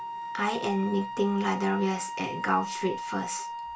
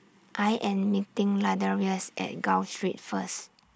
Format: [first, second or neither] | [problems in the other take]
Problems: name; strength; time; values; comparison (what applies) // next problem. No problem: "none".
second | background sound (Wind instrument, woodwind instrument); 7 dB below the speech // room echo; dies away in 0.2 s